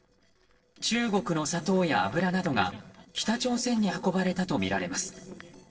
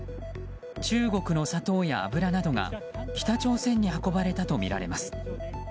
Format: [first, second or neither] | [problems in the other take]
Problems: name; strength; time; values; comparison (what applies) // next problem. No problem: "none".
second | noise reduction (neural separator model SepFormer DNS4)